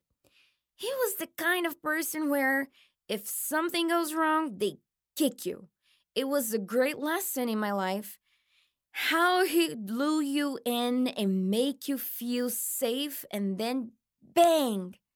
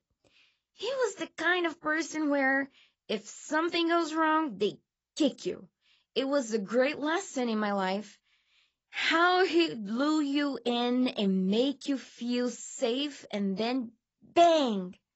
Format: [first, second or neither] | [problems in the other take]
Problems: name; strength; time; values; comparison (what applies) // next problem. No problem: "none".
first | garbled, watery; badly; nothing above 7.5 kHz